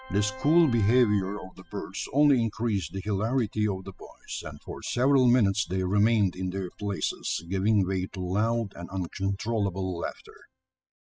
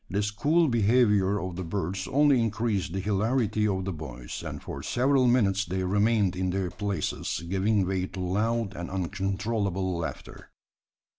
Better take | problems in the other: second | noise reduction (classical method spectral subtraction)

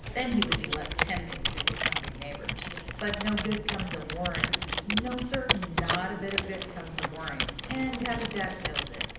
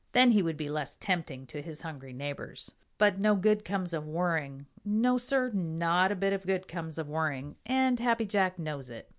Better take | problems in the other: second | background sound (Computer keyboard); 2 dB above the speech // room echo; dies away in 0.8 s

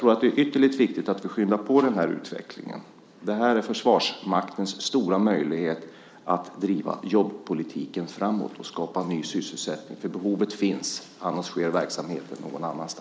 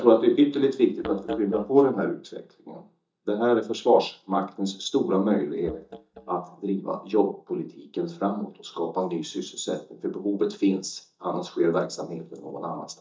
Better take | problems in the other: first | noise reduction (neural mask model DeepFilterNet 3)

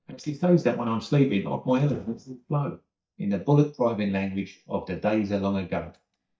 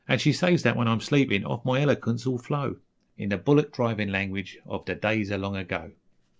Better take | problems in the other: second | noise reduction (neural mask model DeepFilterNet 3)

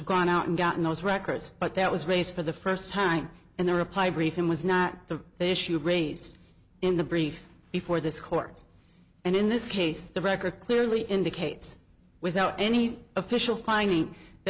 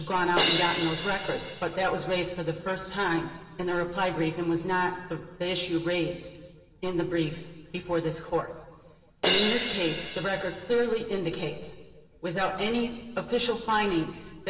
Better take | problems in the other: first | background sound (Crash cymbal); 2 dB below the speech // room echo; dies away in 1.4 s

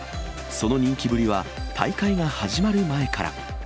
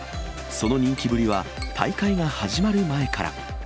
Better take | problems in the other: first | background sound (Tap); 19 dB below the speech

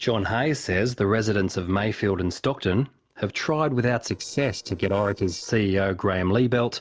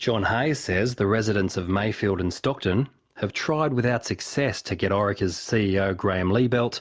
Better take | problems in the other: second | noise reduction (neural separator model SepFormer DNS4)

